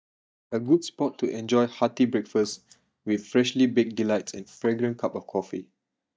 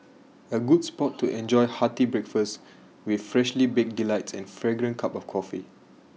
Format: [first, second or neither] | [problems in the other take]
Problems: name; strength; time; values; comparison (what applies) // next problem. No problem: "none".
second | noise reduction (neural mask model DeepFilterNet 3)